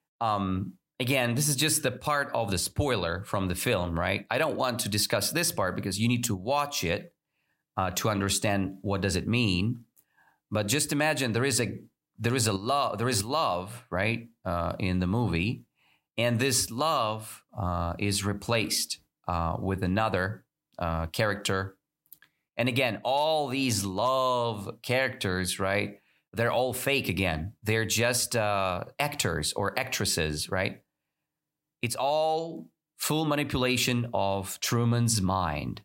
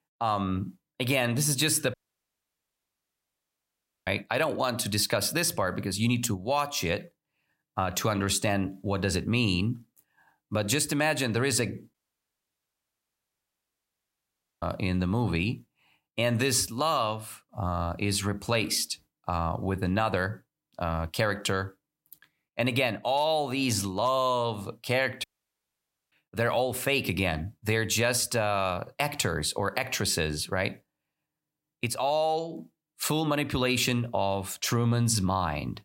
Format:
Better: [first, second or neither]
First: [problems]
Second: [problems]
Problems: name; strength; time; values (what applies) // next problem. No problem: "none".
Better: first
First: none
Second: audio cutting out; at 2 s for 2 s, at 12 s for 2.5 s and at 25 s for 1 s